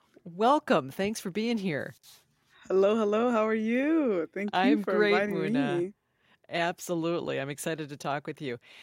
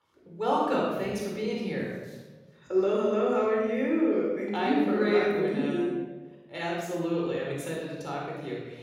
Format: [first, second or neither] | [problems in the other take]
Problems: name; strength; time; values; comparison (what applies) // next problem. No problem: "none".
first | off-mic speech; far // room echo; strong; dies away in 1.1 s